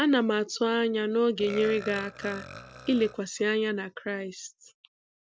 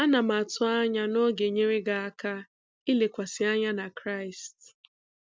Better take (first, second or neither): second